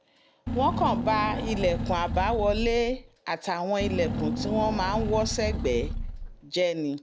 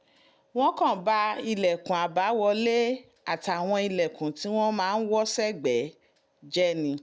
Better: second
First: background sound (Engine / Car); 3 dB below the speech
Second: none

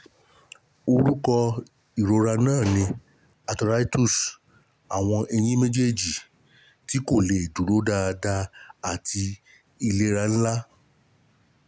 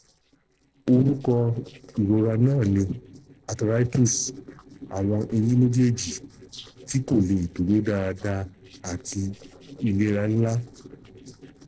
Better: first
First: none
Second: noise reduction (neural separator model SepFormer DNS4)

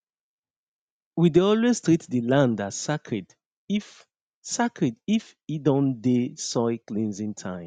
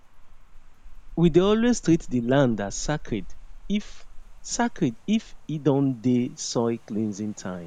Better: first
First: none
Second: background sound (Rain); 12 dB below the speech

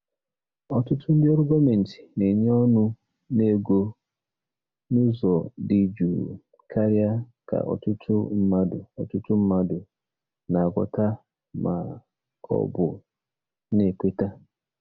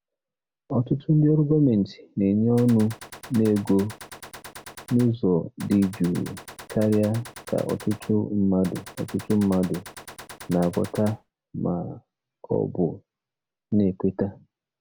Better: first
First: none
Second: background sound (Gunshot, gunfire); 18 dB below the speech

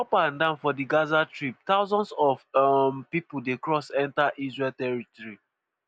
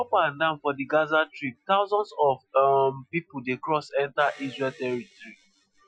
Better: first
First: none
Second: noise reduction (classical method Wiener filter)

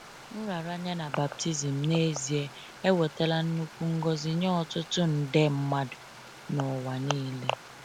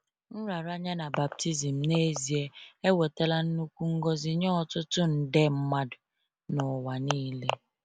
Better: second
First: background sound (Stream); 18 dB below the speech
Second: none

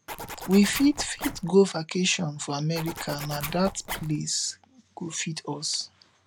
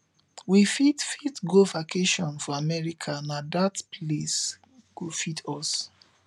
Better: second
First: background sound (Zipper (clothing)); 10 dB below the speech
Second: none

